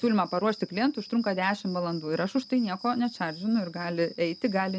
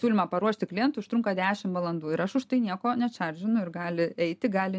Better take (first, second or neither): second